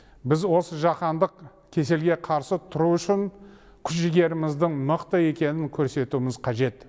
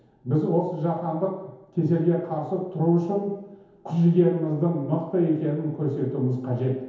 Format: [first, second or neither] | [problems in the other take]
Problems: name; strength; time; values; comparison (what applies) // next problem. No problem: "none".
first | room echo; dies away in 1 s